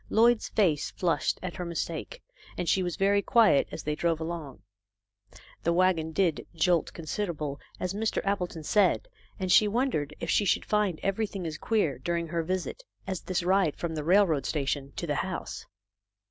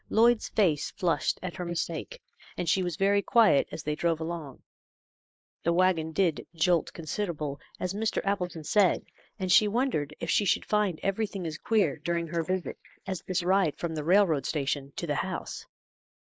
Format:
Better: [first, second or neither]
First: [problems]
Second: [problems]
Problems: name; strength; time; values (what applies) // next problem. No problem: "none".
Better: first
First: none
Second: noise reduction (neural mask model Resemble Enhance denoiser)